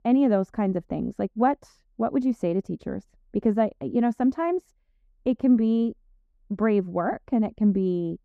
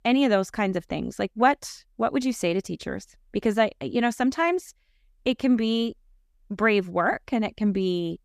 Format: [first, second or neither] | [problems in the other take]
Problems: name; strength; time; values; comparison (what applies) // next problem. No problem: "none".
second | muffled; very; fading above 1.5 kHz